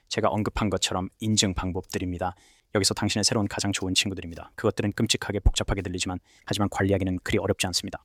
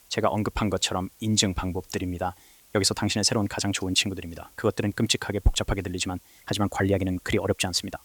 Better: first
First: none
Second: hiss; faint; throughout; 25 dB below the speech

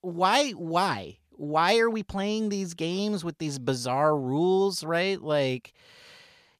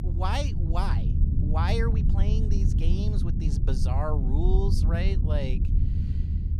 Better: first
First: none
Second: low rumble; loud; throughout; 6 dB below the speech

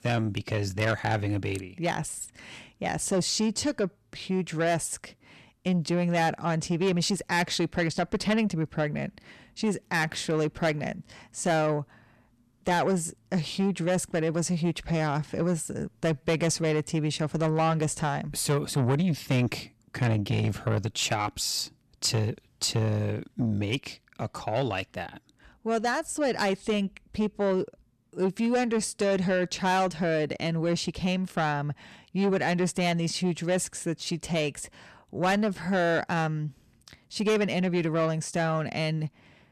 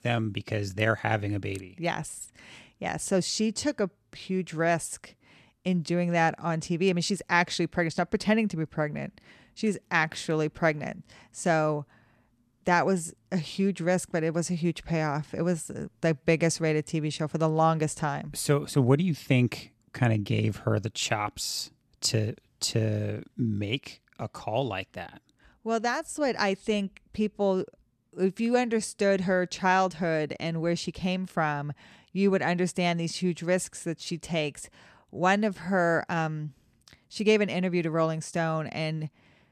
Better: second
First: distortion; slight; 10 dB below the speech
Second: none

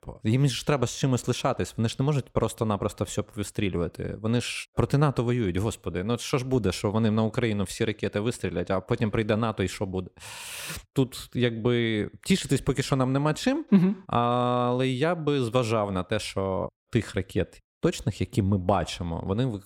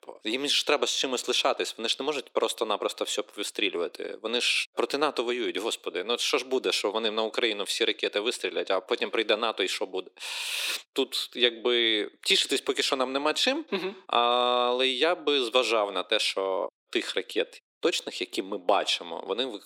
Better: first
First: none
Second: thin; very; fading below 300 Hz

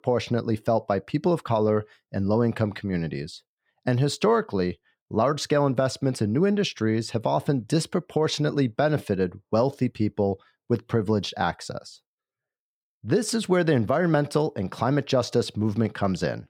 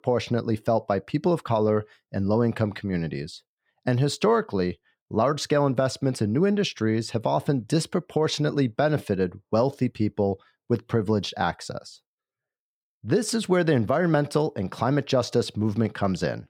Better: neither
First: none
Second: none

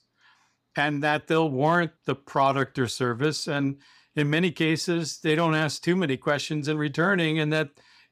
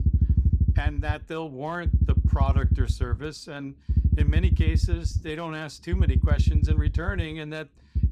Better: first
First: none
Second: low rumble; loud; throughout; 5 dB below the speech

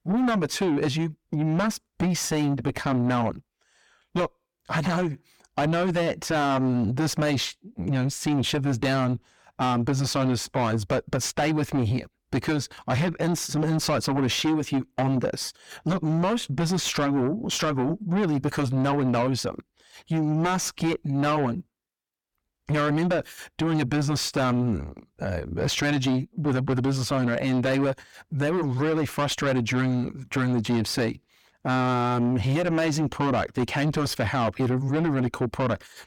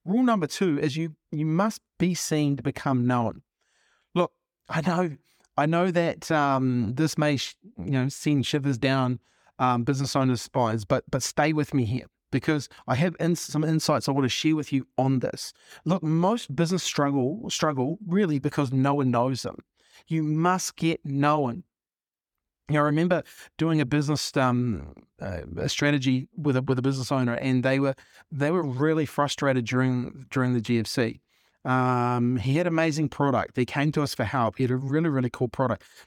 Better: second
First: distortion; heavy; 7 dB below the speech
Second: none

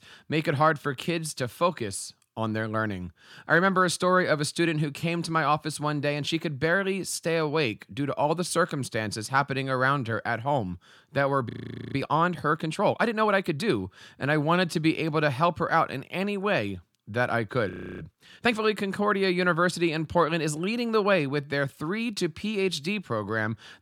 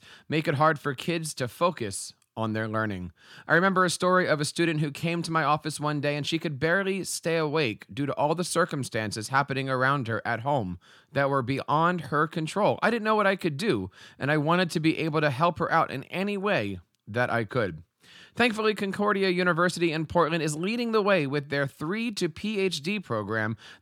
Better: second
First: audio freezing; at 11 s and at 18 s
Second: none

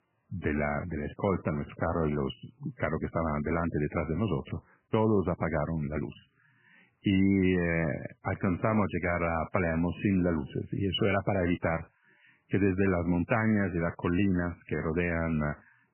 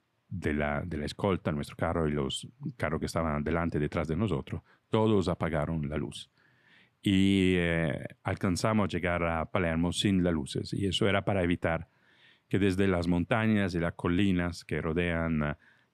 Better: second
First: garbled, watery; badly; nothing above 3 kHz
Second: none

